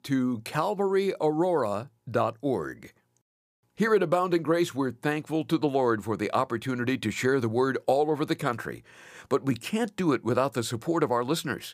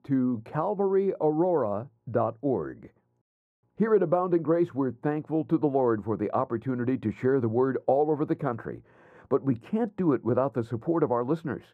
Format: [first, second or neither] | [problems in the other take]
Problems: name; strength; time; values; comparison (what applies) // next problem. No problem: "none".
first | muffled; very; fading above 2 kHz